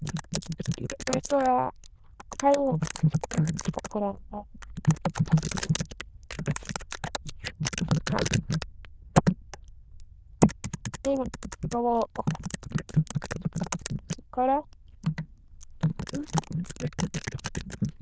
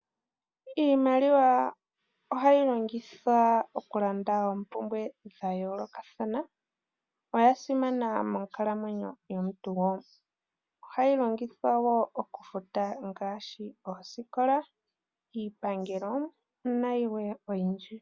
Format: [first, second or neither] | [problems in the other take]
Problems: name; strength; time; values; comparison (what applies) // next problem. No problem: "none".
second | noise reduction (neural diffusion model UNIVERSE++)